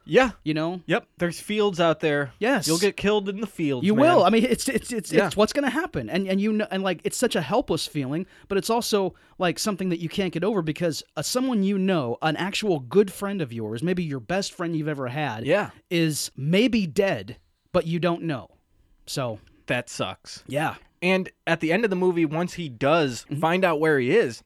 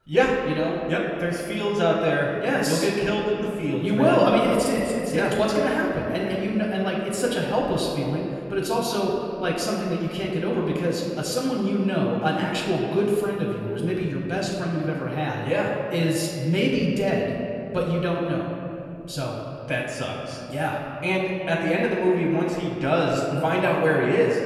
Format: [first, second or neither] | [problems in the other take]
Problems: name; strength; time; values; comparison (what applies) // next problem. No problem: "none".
first | off-mic speech; far // room echo; noticeable; dies away in 2.4 s